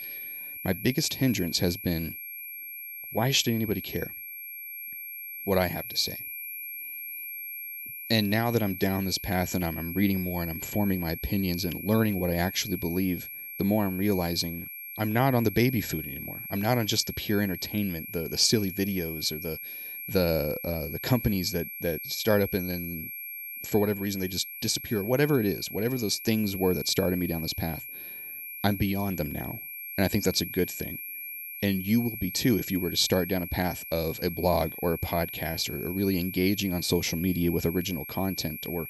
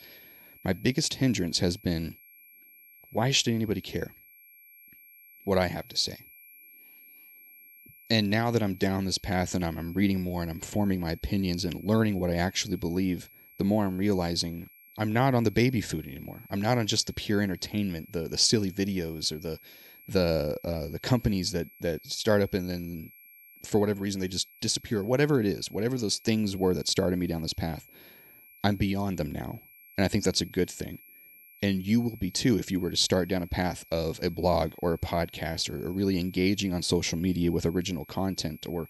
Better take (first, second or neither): second